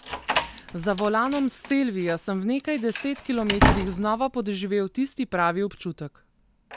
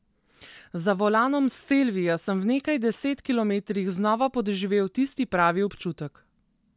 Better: second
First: background sound (Slam); 4 dB below the speech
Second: none

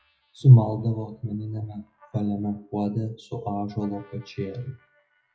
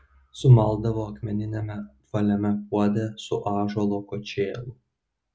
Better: second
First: noise reduction (classical method WPE with log-MMSE)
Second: none

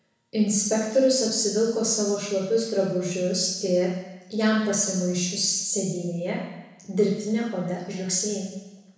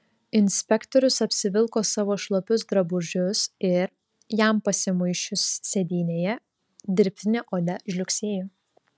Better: second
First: room echo; dies away in 1 s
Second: none

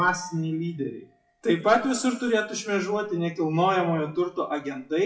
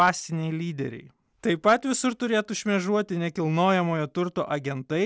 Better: second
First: noise reduction (classical method WPE with log-MMSE)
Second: none

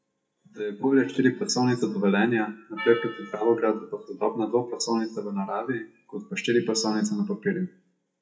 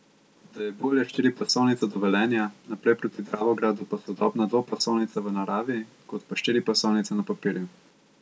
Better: second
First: noise reduction (classical method WPE with log-MMSE)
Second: none

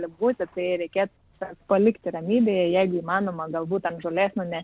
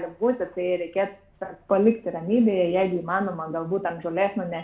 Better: first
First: none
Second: room echo; dies away in 0.4 s

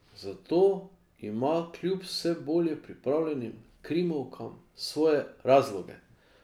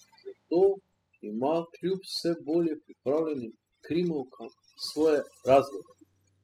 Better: first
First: none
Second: noise reduction (classical method spectral subtraction)

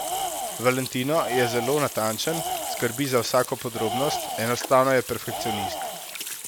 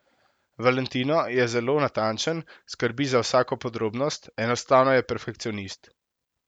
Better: second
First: background sound (Sink (filling or washing) / Water tap, faucet + Tools); 6 dB below the speech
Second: none

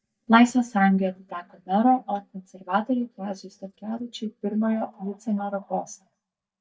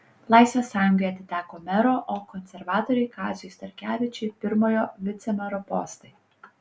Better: second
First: noise reduction (neural mask model DeepFilterNet 3)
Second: none

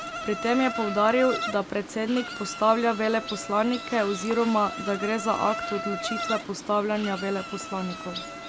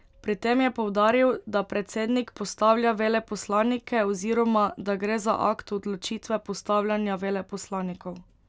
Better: second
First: background sound (Insect); 8 dB below the speech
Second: none

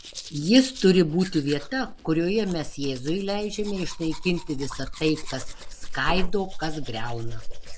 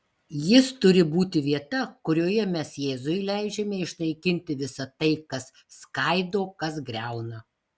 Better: second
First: background sound (Domestic sounds, home sounds); 5 dB below the speech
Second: none

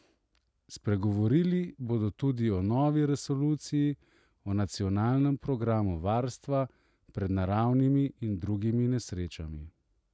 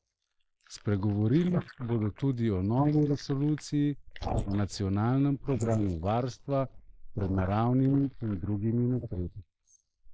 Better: first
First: none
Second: noise reduction (neural mask model Resemble Enhance denoiser)

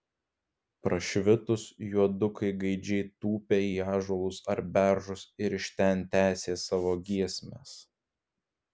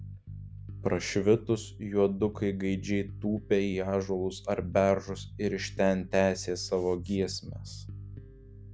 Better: first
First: none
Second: background sound (Bass guitar); 14 dB below the speech

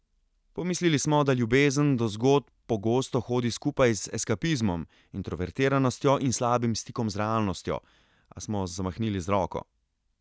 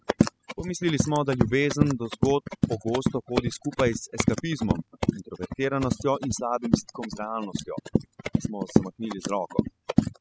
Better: first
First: none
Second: noise reduction (classical method spectral subtraction)

